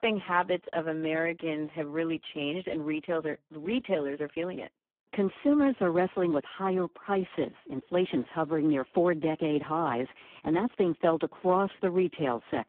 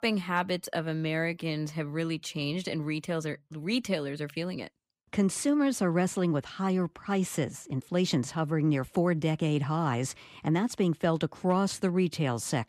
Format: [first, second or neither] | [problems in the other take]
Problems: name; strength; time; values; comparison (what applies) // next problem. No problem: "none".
second | phone-call audio; poor line